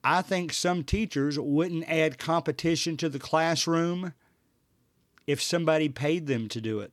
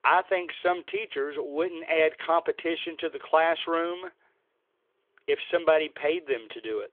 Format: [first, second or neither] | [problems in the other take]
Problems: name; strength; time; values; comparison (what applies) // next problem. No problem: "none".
first | phone-call audio; nothing above 3.5 kHz